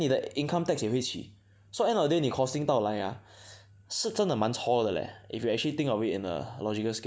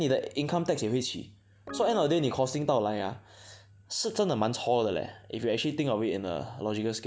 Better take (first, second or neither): first